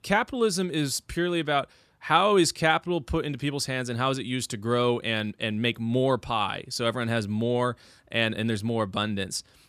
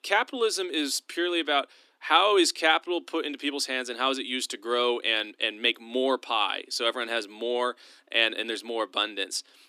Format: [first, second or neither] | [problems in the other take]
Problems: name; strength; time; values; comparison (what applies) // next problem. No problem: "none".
first | thin; somewhat; fading below 250 Hz